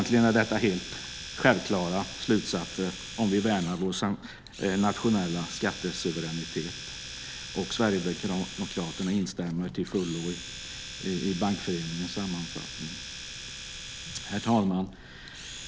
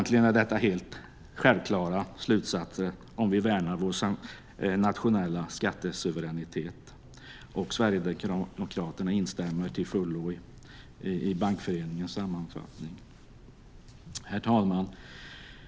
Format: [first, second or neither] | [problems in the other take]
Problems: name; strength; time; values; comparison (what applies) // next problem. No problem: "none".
second | background sound (Domestic sounds, home sounds); 11 dB below the speech